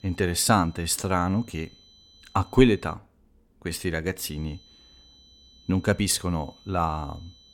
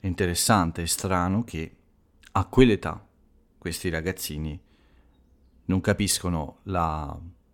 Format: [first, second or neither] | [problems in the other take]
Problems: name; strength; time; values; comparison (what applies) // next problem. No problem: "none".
second | high-pitched whine; faint; until 3 s and from 4 s on; 4 kHz, 30 dB below the speech